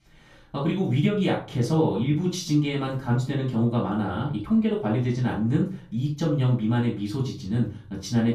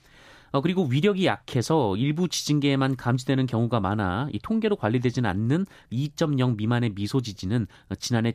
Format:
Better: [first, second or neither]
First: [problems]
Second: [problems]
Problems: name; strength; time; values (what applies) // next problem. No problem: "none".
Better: second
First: room echo; slight; dies away in 0.3 s // off-mic speech; far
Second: none